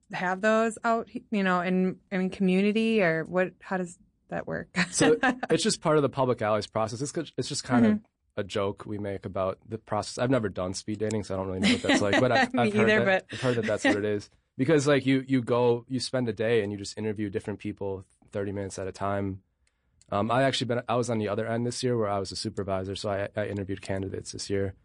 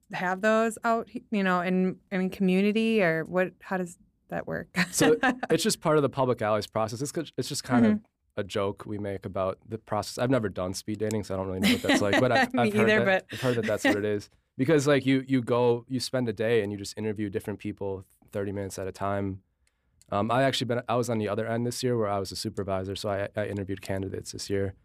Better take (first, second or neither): second